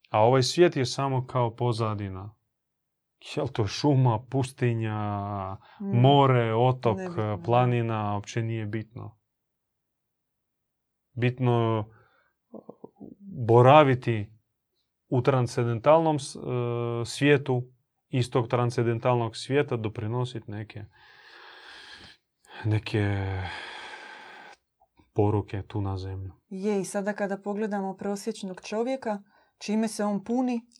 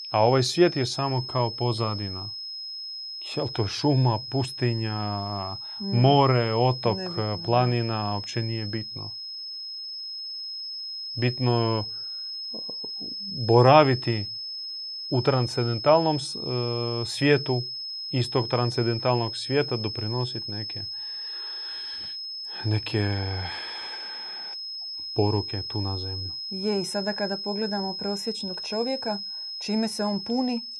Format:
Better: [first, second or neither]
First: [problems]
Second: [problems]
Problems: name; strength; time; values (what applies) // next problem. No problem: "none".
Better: first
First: none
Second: high-pitched whine; loud; throughout; 5 kHz, 7 dB below the speech